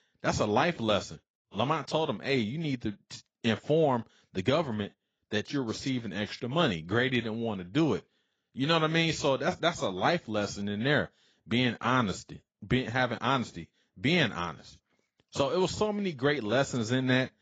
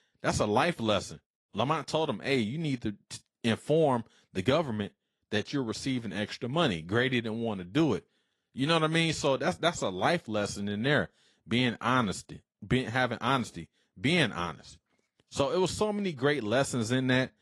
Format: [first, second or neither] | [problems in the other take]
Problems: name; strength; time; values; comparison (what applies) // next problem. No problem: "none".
second | garbled, watery; badly; nothing above 7.5 kHz; slightly in the second